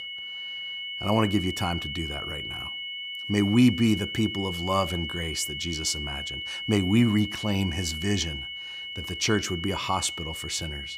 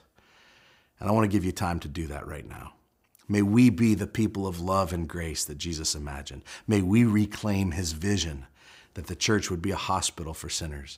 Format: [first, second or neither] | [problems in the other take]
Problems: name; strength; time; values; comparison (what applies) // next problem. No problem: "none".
second | high-pitched whine; loud; throughout; 3 kHz, 6 dB below the speech